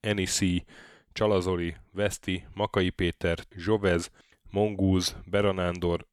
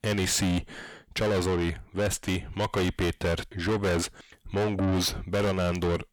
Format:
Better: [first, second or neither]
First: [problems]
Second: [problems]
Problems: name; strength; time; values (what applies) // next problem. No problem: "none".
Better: first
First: none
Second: distortion; heavy; 6 dB below the speech